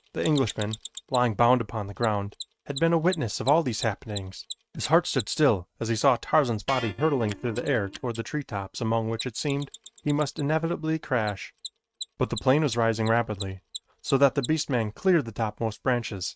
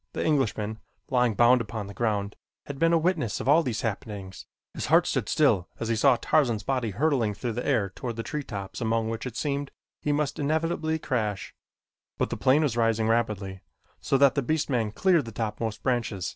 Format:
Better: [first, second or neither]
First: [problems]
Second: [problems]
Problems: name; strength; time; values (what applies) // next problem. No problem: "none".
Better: second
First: noise reduction (neural mask model RNNoise)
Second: none